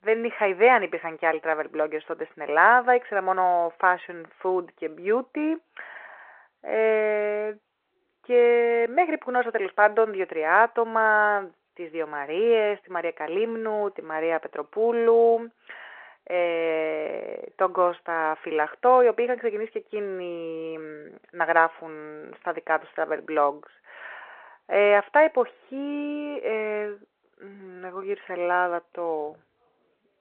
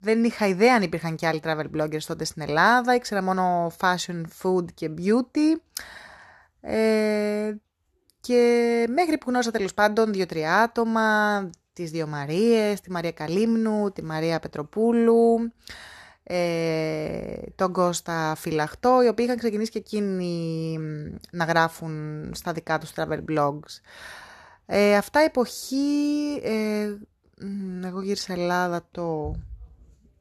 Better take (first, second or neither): second